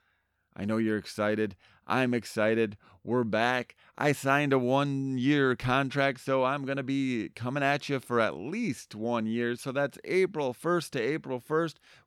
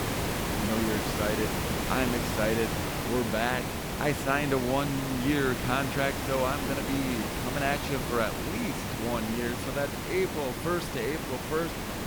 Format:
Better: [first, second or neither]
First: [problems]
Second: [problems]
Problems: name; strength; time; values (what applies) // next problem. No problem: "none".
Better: first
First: none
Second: hiss; loud; throughout; 1 dB below the speech